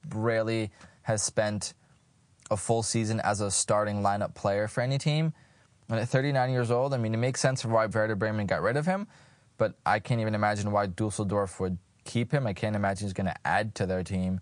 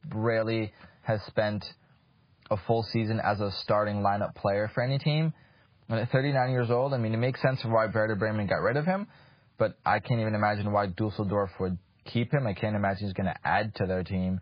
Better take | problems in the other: first | garbled, watery; badly; slightly in the first

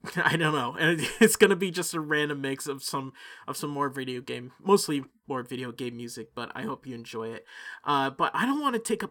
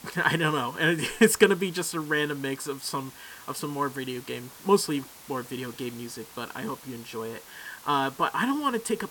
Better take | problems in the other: first | hiss; noticeable; throughout; 20 dB below the speech

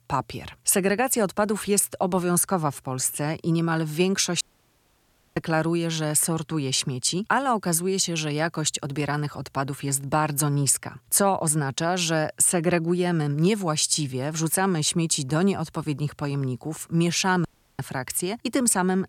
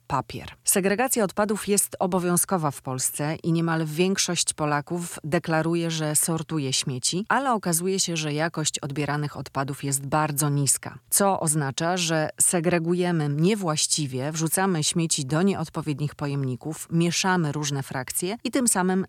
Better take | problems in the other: second | audio cutting out; at 4.5 s for 1 s and at 17 s

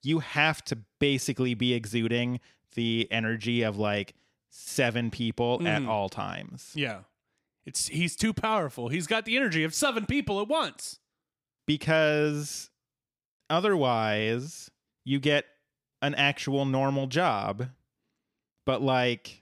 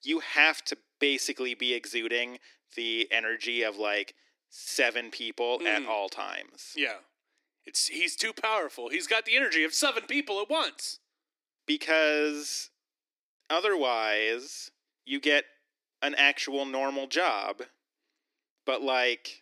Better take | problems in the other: first | thin; somewhat; fading below 300 Hz

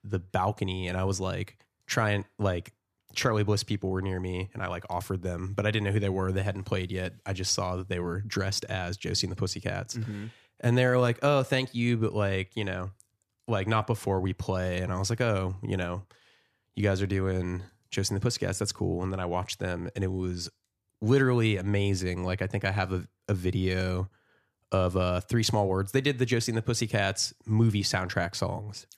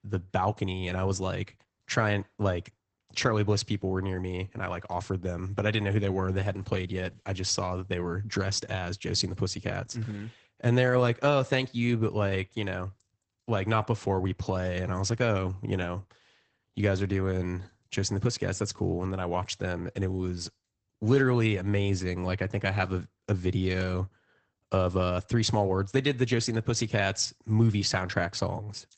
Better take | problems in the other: first | garbled, watery; badly; nothing above 8 kHz

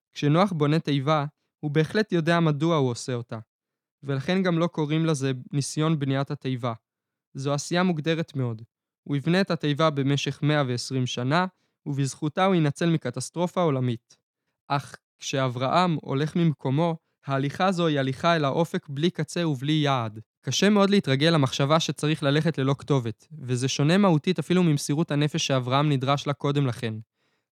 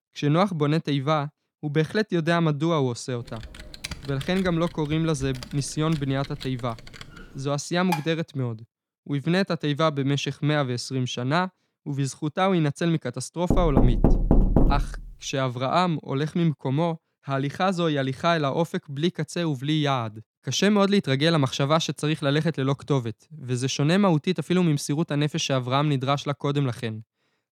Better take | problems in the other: first | keyboard typing; faint; from 3 to 7.5 s; peak 10 dB below the speech // clattering dishes; noticeable; at 8 s; peak 8 dB below the speech // door banging; loud; from 14 to 15 s; peak 4 dB above the speech

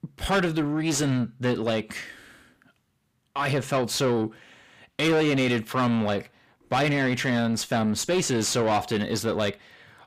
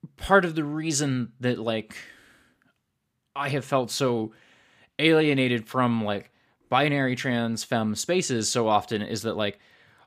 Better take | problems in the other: second | distortion; heavy; 7 dB below the speech

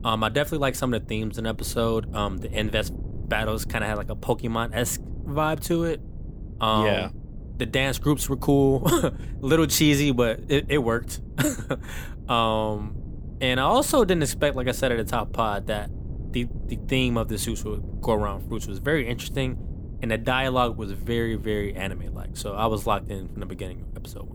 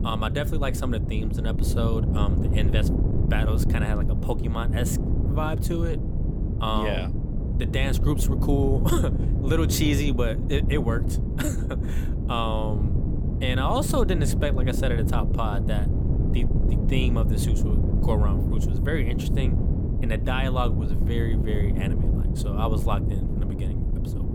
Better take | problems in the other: first | wind noise on the microphone; heavy; 6 dB below the speech; occasional gusts in the first

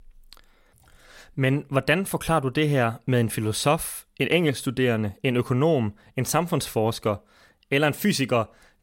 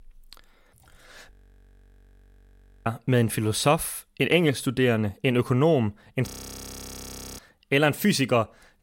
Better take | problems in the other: first | audio freezing; at 1.5 s for 1.5 s and at 6.5 s for 1 s

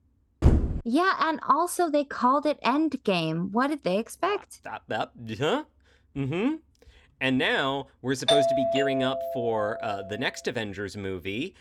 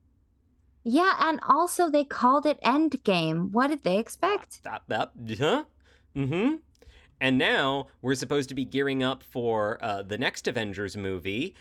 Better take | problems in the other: second | door banging; loud; at 0.5 s; peak 4 dB above the speech // doorbell; loud; from 8.5 to 10 s; peak 5 dB above the speech

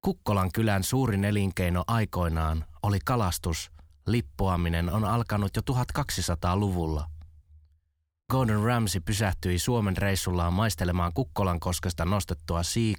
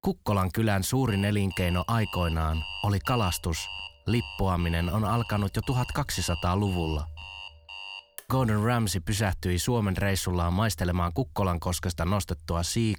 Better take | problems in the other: first | alarm; noticeable; from 1 to 8 s; peak 8 dB below the speech

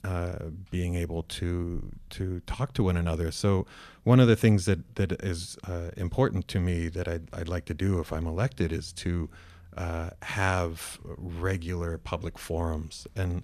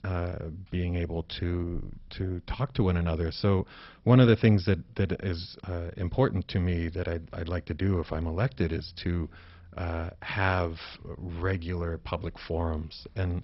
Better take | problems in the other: first | garbled, watery; badly; nothing above 5.5 kHz

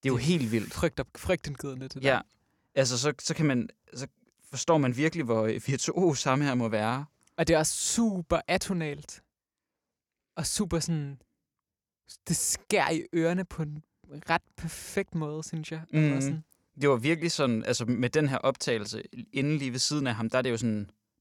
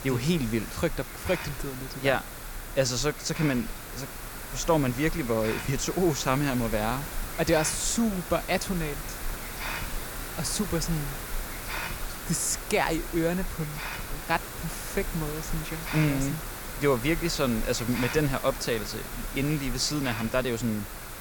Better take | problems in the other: first | hiss; loud; throughout; 7 dB below the speech

